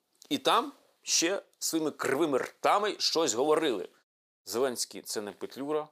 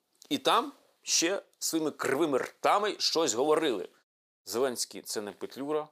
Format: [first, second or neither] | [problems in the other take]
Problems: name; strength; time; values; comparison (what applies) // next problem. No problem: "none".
neither | thin; somewhat; fading below 400 Hz; the same in both